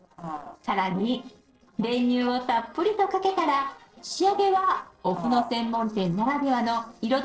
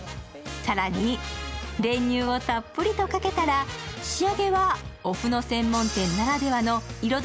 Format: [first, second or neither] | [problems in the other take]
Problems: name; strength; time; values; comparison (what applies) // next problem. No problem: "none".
second | noise reduction (neural separator model SepFormer DNS4)